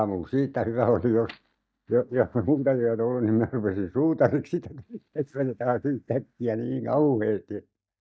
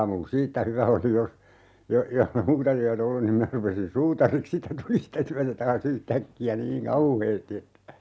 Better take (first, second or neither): second